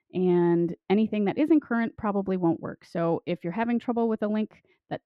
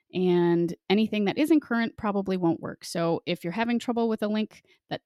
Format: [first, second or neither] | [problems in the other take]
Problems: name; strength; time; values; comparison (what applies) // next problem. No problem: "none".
second | muffled; very; fading above 3.5 kHz